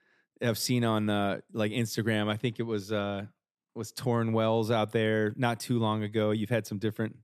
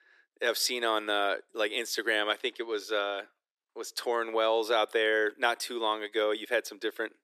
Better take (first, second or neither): first